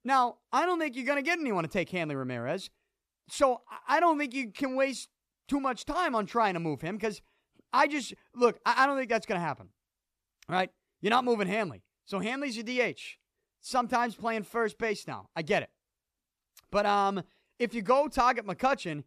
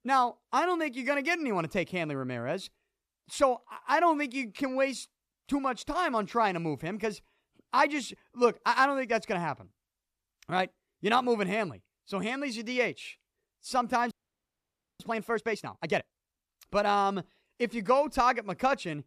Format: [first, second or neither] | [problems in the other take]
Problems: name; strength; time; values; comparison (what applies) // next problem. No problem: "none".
first | audio freezing; at 14 s for 1 s